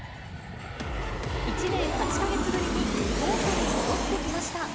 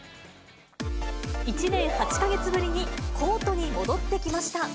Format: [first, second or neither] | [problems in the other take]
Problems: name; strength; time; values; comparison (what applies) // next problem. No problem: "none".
second | background sound (Aircraft); 1 dB above the speech